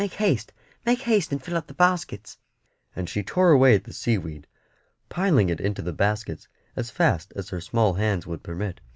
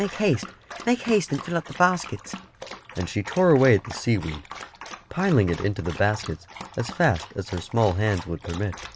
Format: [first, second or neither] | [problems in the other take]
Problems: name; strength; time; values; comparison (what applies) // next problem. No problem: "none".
first | background sound (Dog); 16 dB below the speech